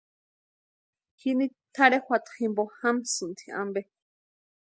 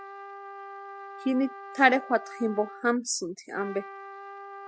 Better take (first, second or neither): first